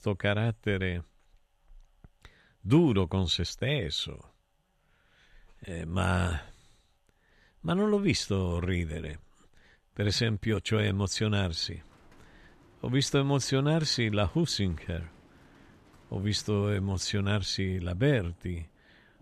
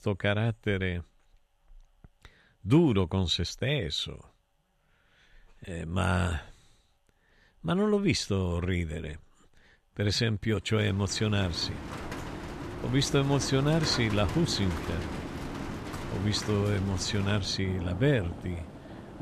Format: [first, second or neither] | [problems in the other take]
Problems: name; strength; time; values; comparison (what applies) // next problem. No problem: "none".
first | rain or running water; loud; from 11 s on; 10 dB below the speech; faint in the first